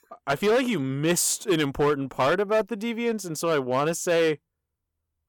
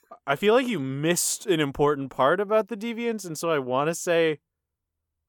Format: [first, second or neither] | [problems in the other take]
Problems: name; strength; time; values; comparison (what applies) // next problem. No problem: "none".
second | distortion; slight; 7% of the sound clipped